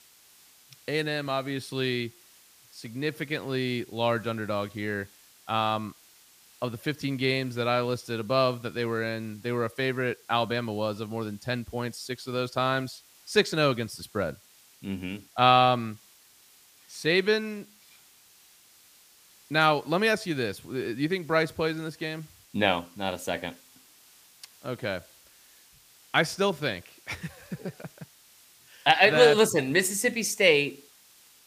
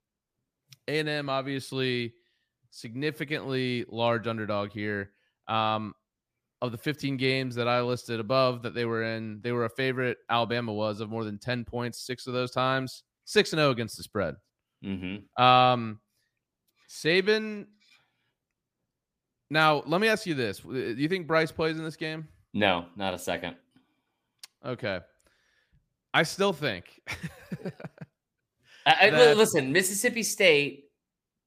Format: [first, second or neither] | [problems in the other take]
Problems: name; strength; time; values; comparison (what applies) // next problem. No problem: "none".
second | hiss; faint; throughout; 25 dB below the speech